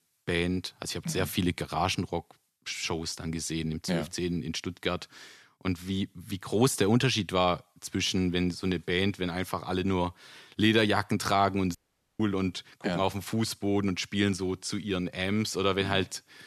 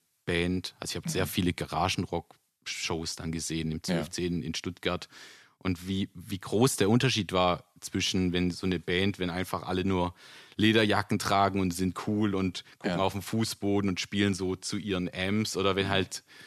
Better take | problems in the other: second | audio cutting out; at 12 s

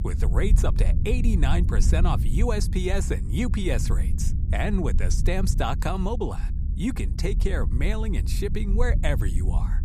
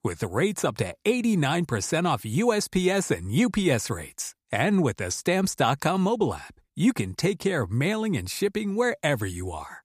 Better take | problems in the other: second | low rumble; noticeable; throughout; 10 dB below the speech

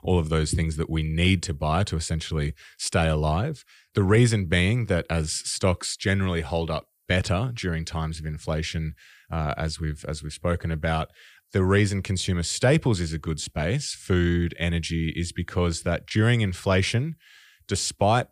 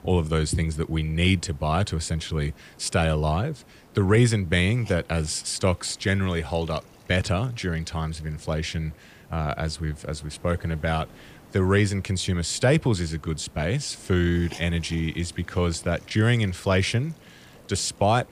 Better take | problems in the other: first | hiss; faint; throughout; 25 dB below the speech

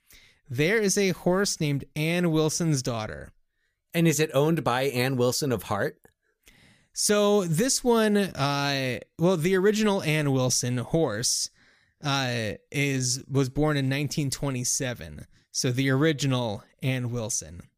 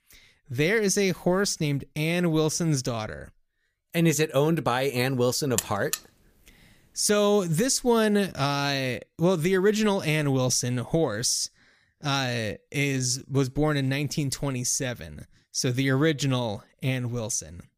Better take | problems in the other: first | alarm; noticeable; at 5.5 s; peak 4 dB below the speech

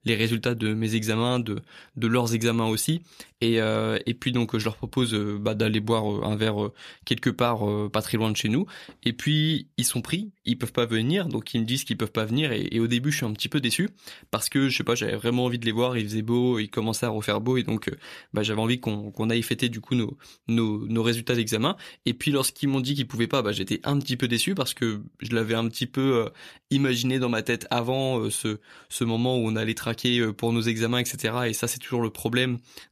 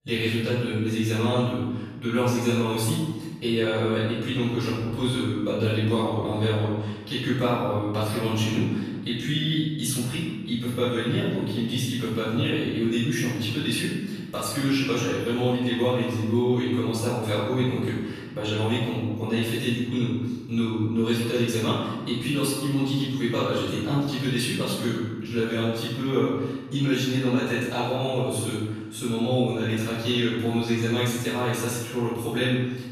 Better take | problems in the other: first | off-mic speech; far // room echo; strong; dies away in 1.1 s

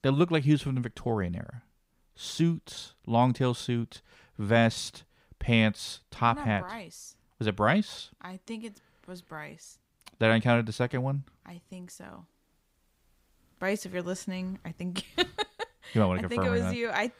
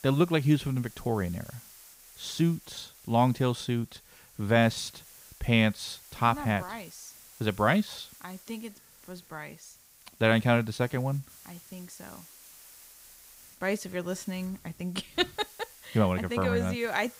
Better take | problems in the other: first | hiss; faint; throughout; 20 dB below the speech

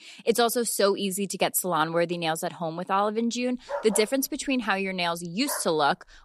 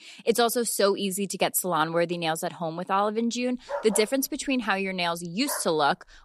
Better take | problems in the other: neither | dog barking; noticeable; from 3.5 to 5.5 s; peak 8 dB below the speech; the same in both

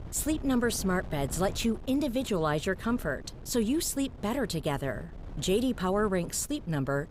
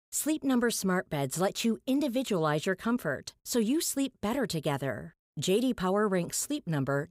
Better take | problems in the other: second | wind noise on the microphone; occasional gusts; 20 dB below the speech

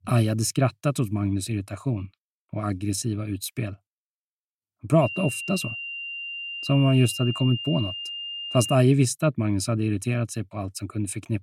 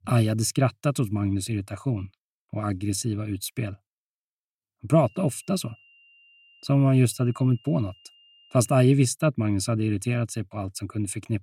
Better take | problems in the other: second | high-pitched whine; loud; from 5 to 9 s; 3 kHz, 7 dB below the speech; faint in the second

